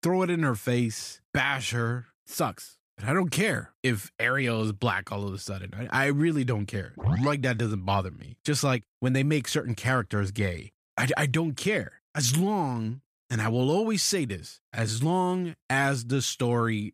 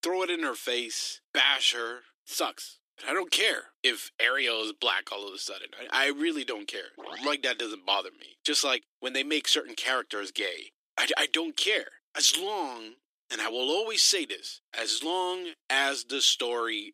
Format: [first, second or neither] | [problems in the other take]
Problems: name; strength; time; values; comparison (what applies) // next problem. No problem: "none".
first | thin; very; fading below 300 Hz